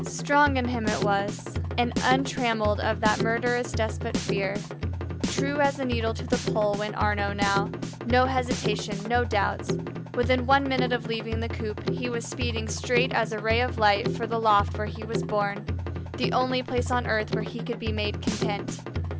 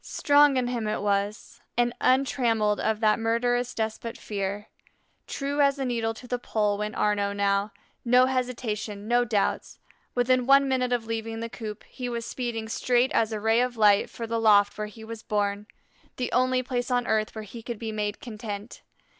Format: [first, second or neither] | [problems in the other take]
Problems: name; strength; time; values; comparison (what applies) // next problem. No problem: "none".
second | background sound (Drum kit); 3 dB below the speech